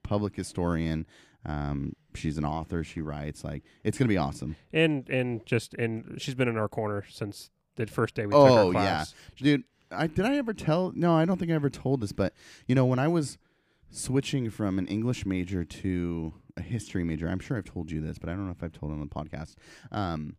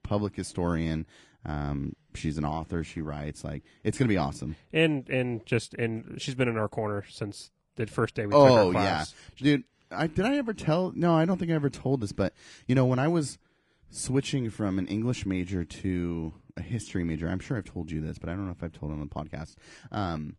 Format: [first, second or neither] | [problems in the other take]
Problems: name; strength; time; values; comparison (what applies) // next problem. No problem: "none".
first | garbled, watery; slightly; nothing above 10 kHz